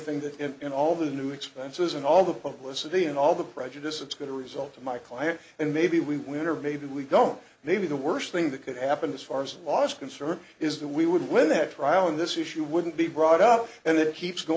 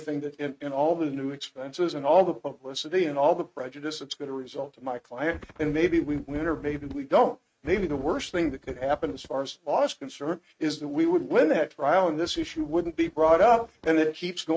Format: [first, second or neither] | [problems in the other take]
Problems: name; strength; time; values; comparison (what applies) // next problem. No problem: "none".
first | noise reduction (neural mask model RNNoise)